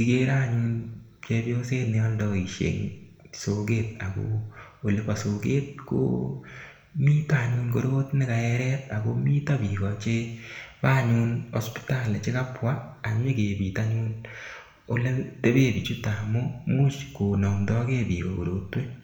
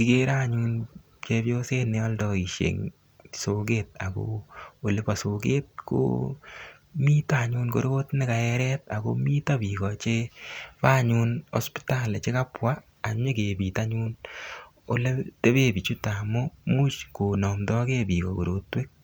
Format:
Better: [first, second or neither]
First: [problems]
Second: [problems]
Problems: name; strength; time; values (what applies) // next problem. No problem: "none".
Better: second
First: room echo; dies away in 0.8 s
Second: none